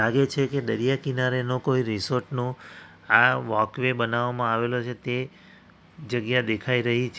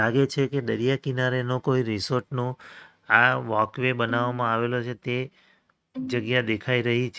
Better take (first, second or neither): first